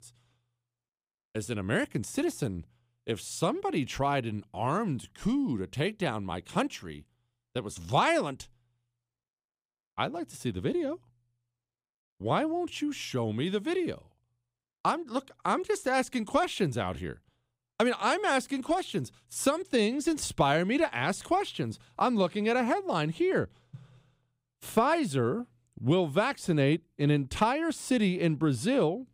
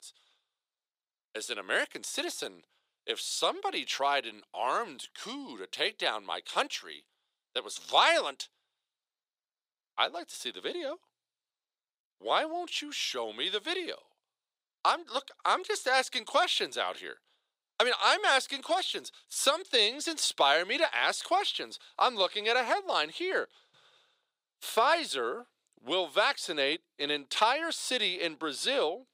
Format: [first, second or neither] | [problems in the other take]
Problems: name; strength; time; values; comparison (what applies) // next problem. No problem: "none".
first | thin; very; fading below 500 Hz